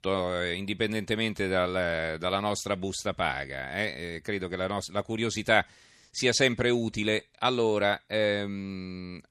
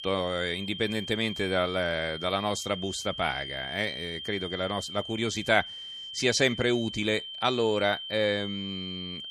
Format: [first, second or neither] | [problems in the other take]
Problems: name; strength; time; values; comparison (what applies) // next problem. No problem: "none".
first | high-pitched whine; loud; throughout; 3 kHz, 8 dB below the speech